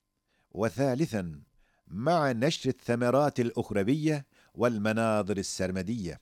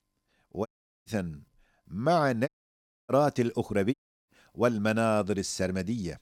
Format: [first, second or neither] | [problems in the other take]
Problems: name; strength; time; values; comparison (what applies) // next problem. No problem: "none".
first | audio cutting out; at 0.5 s, at 2.5 s for 0.5 s and at 4 s